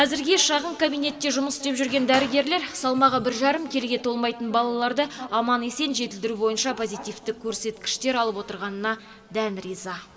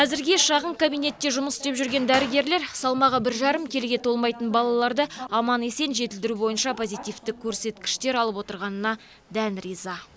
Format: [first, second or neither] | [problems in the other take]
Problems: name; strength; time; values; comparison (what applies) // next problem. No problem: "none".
second | room echo; dies away in 1.8 s